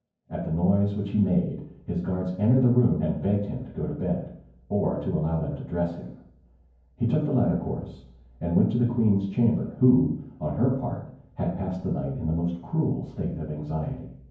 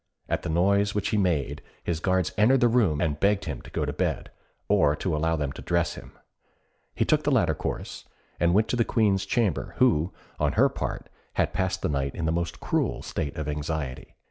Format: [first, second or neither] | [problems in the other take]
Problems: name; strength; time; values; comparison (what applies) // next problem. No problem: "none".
second | room echo; dies away in 0.9 s